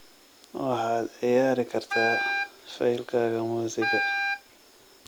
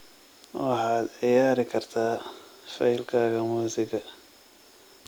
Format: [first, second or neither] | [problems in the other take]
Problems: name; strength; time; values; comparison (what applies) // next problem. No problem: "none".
second | background sound (Wind instrument, woodwind instrument); 1 dB below the speech